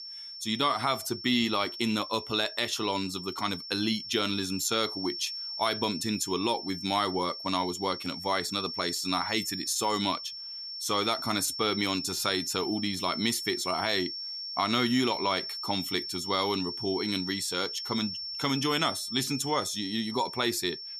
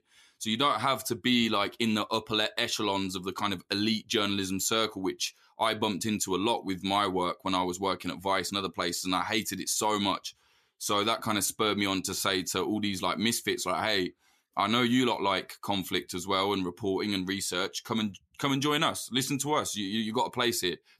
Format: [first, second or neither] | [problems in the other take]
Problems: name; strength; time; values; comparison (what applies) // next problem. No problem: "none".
second | high-pitched whine; loud; throughout; 5.5 kHz, 6 dB below the speech